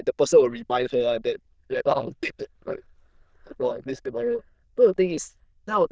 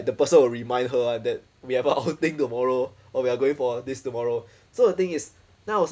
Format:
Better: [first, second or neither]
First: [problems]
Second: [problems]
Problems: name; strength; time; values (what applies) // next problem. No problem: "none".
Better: second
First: noise reduction (neural diffusion model UNIVERSE++)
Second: none